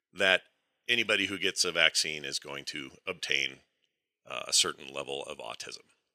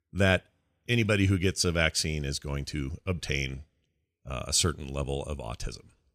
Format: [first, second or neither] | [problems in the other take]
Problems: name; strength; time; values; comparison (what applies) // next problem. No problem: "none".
second | thin; very; fading below 400 Hz